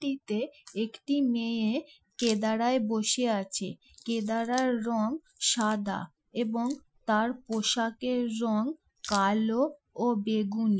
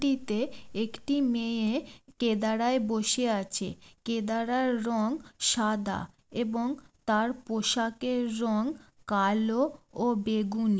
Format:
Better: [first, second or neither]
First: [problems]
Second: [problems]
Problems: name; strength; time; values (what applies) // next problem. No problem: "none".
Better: second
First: noise reduction (classical method Wiener filter)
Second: none